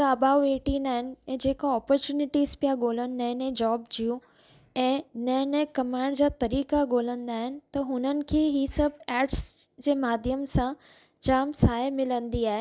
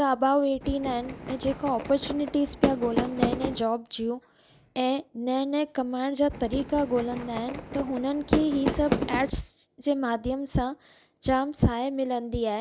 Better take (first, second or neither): first